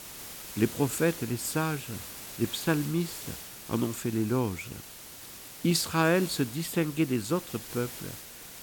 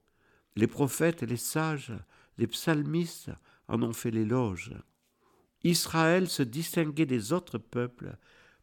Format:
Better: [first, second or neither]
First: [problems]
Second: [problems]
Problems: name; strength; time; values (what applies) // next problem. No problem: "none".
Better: second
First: hiss; noticeable; throughout; 10 dB below the speech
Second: none